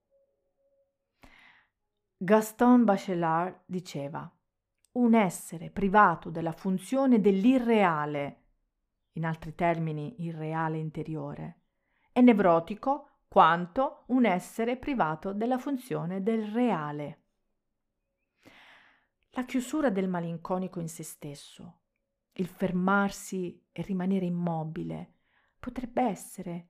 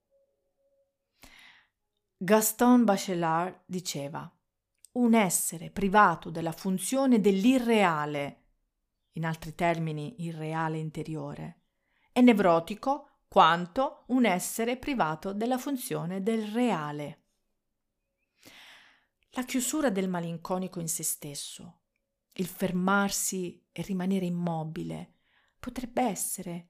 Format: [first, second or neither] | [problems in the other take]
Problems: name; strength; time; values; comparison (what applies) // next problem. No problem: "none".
second | muffled; slightly; fading above 3 kHz